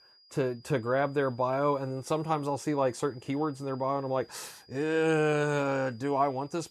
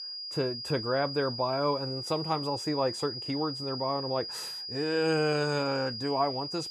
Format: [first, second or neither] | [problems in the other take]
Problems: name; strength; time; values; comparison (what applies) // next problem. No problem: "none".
first | high-pitched whine; loud; throughout; 5 kHz, 5 dB below the speech; faint in the first